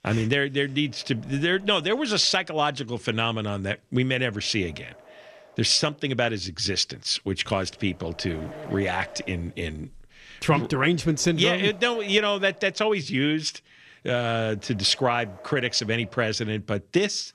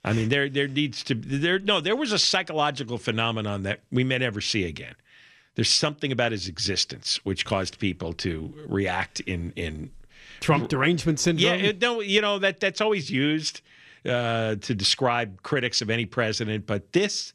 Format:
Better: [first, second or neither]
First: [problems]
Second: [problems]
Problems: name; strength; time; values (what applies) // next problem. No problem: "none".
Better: second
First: wind noise on the microphone; occasional gusts; 20 dB below the speech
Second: none